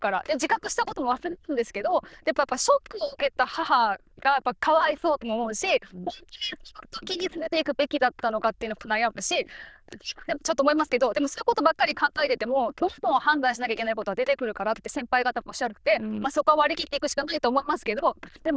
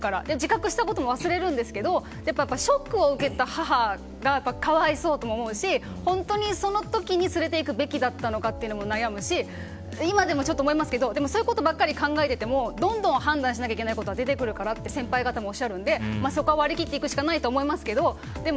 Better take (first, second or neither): second